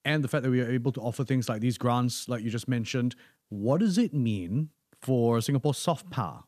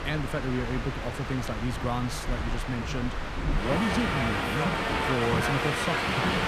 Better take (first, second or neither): first